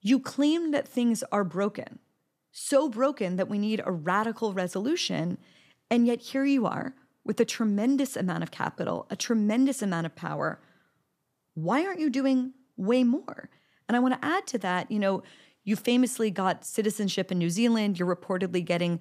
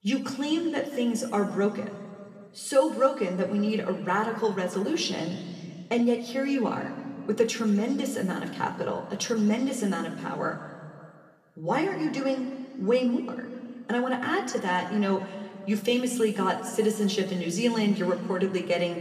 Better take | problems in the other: first | room echo; slight; dies away in 1.9 s // off-mic speech; somewhat distant

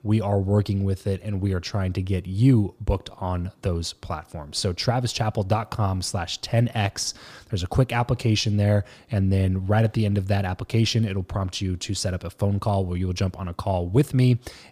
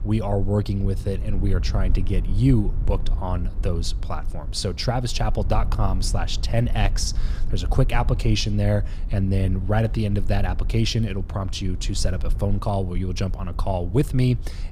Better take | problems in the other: first | low rumble; noticeable; throughout; 20 dB below the speech

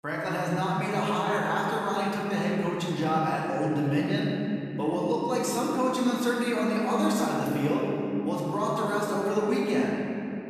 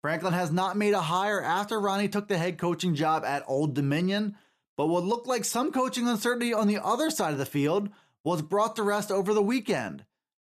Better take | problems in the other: second | room echo; strong; dies away in 3 s // off-mic speech; far

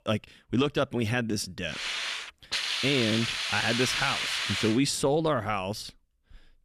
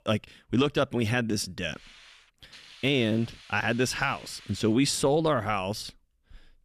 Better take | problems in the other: second | hiss; loud; from 2 to 4.5 s; 1 dB below the speech; faint in the second

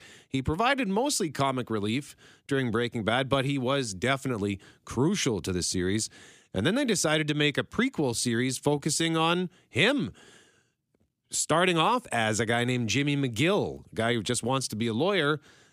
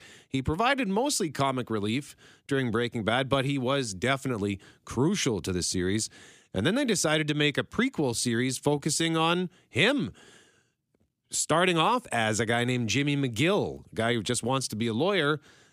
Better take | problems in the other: neither | none

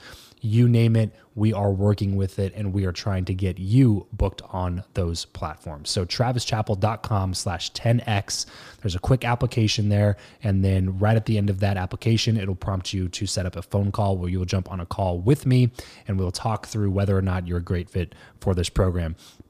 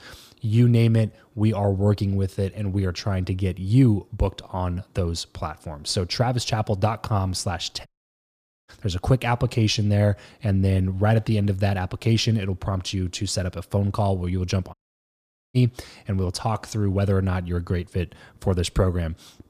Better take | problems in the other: first | audio cutting out; at 8 s for 1 s and at 15 s for 1 s

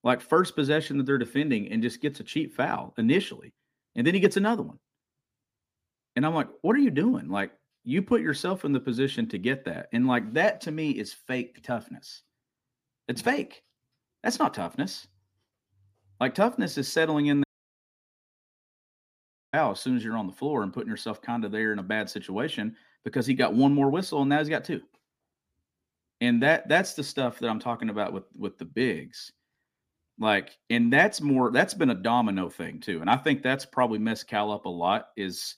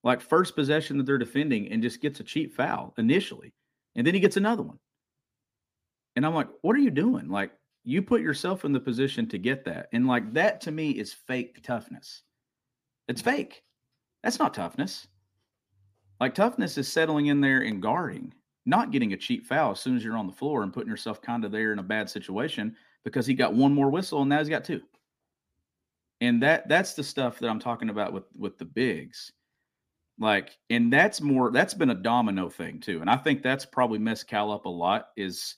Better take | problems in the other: second | audio cutting out; at 17 s for 2 s

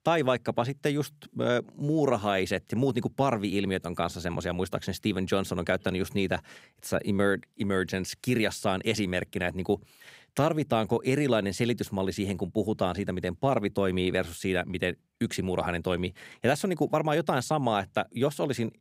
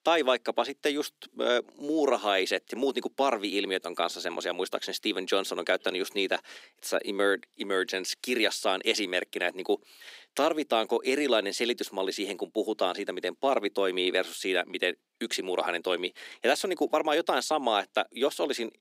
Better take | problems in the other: first | thin; somewhat; fading below 300 Hz

